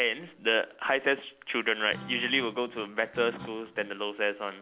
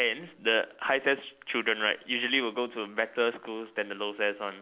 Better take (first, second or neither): second